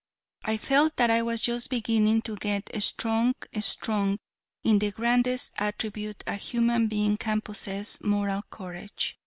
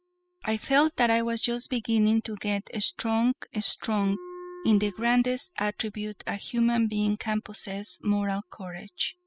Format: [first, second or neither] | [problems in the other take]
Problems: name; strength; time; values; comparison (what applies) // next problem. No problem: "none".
first | noise reduction (classical method spectral subtraction)